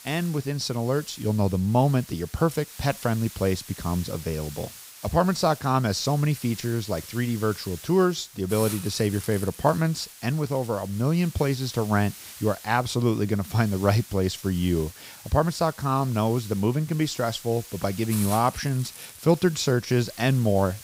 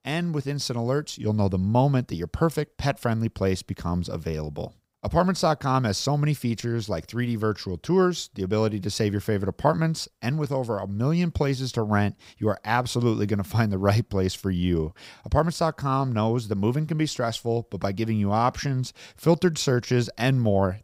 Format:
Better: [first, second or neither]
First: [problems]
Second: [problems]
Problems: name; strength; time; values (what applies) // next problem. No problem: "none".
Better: second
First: hiss; noticeable; throughout; 15 dB below the speech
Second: none